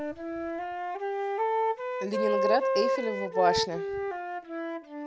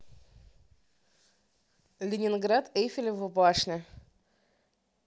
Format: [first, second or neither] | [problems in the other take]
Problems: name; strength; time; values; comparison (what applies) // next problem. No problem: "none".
second | background sound (Wind instrument, woodwind instrument); 3 dB above the speech